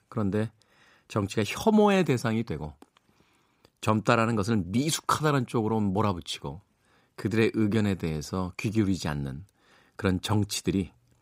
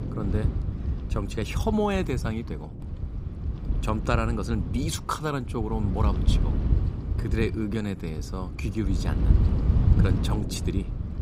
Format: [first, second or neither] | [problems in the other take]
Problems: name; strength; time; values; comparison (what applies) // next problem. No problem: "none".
first | wind noise on the microphone; heavy; 8 dB below the speech